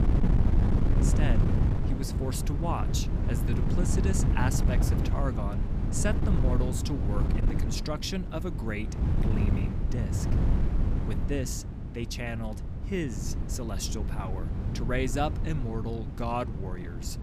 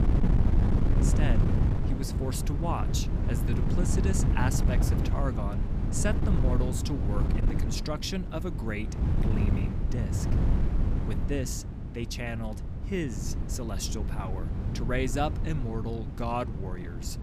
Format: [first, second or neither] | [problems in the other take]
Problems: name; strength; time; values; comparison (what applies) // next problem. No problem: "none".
neither | wind noise on the microphone; heavy; 3 dB below the speech; the same in both